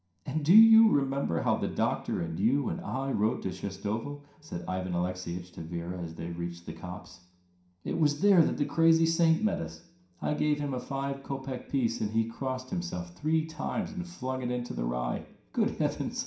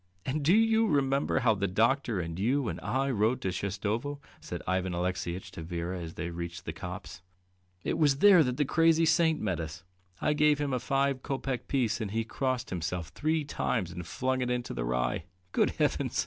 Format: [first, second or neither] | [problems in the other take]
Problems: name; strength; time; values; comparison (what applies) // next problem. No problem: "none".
second | room echo; dies away in 0.5 s